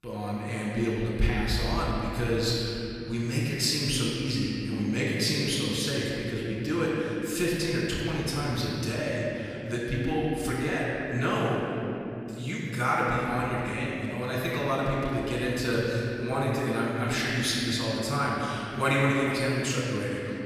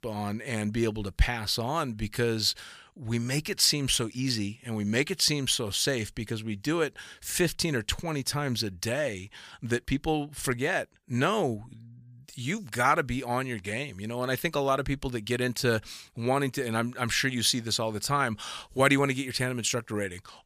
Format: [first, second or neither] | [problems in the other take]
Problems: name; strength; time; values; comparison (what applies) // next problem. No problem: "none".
second | off-mic speech; far // room echo; strong; dies away in 2.9 s